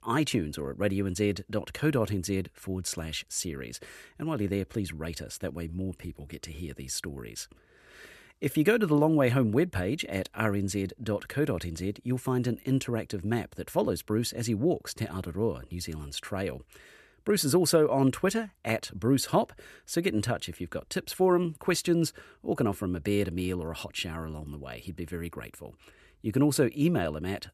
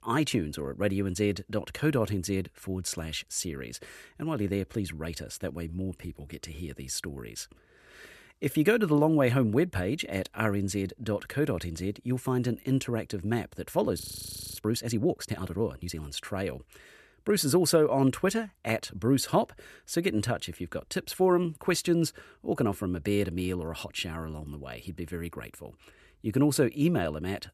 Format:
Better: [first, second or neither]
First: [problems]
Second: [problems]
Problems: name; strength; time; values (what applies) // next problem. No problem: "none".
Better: first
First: none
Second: audio freezing; at 14 s for 0.5 s